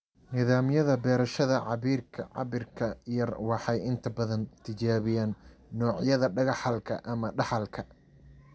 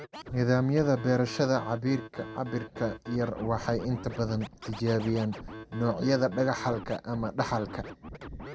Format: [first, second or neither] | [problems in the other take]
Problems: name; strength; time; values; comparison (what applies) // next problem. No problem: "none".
first | background sound (Scratching (performance technique)); 13 dB below the speech